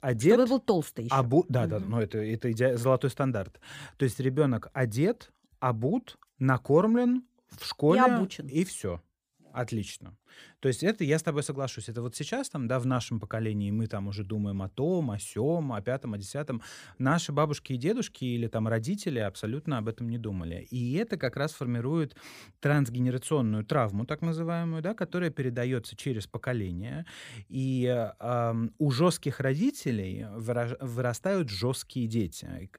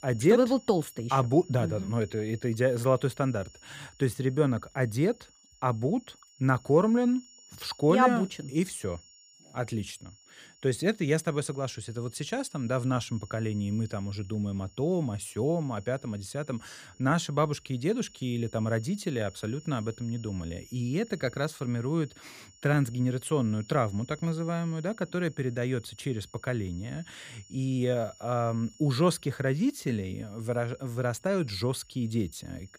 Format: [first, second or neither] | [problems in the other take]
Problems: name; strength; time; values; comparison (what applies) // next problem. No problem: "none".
first | high-pitched whine; faint; throughout; 7 kHz, 25 dB below the speech